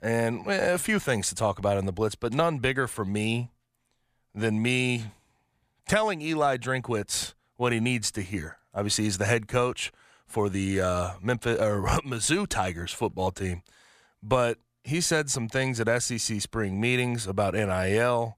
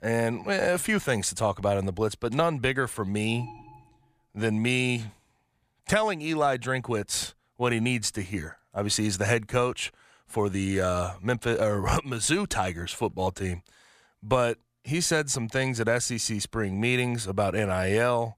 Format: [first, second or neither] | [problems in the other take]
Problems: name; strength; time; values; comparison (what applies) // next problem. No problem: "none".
first | alarm; faint; at 3.5 s; peak 20 dB below the speech